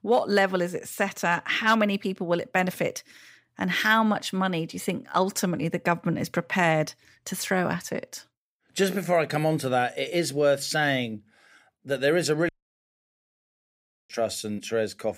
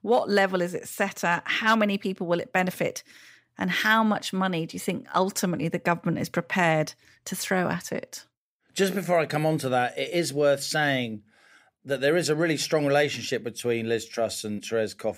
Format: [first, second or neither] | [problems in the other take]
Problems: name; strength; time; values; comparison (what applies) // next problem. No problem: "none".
second | audio cutting out; at 12 s for 1.5 s